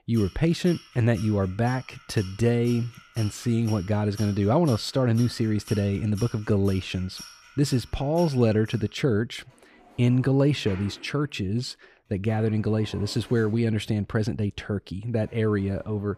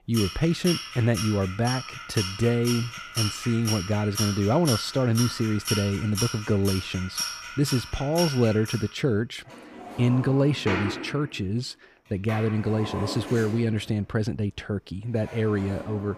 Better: first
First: household noises; faint; throughout; 20 dB below the speech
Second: household noises; loud; throughout; 6 dB below the speech

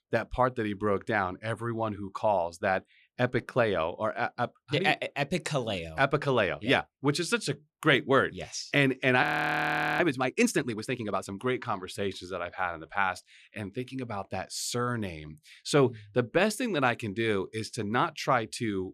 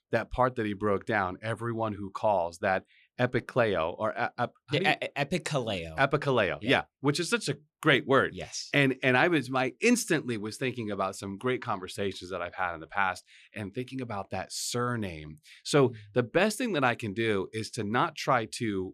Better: second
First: audio freezing; at 9 s for 1 s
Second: none

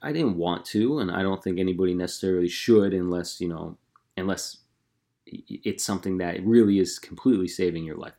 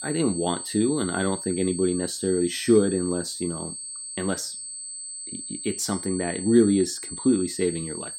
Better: first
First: none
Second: high-pitched whine; loud; throughout; 8 kHz, 8 dB below the speech

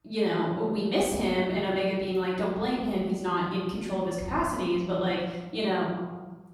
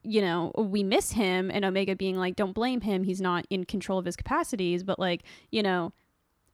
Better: second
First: off-mic speech; far // room echo; noticeable; dies away in 1.2 s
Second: none

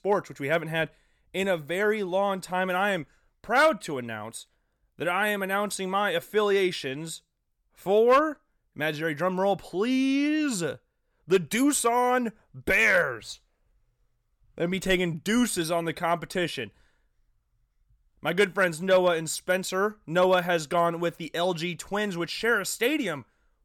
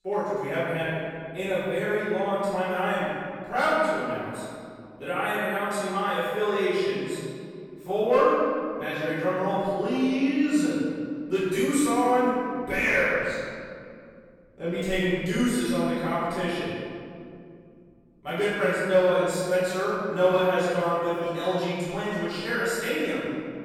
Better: first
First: none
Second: off-mic speech; far // room echo; strong; dies away in 2.3 s

